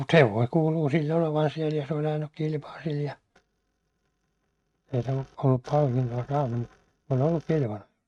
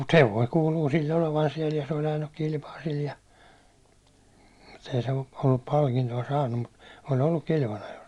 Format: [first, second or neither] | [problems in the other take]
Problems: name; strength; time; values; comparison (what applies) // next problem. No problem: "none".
second | noise reduction (neural mask model RNNoise)